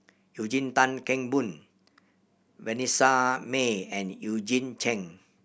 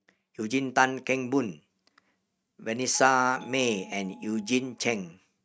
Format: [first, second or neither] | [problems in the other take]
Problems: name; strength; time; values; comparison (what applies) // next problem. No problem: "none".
first | noise reduction (neural mask model RNNoise)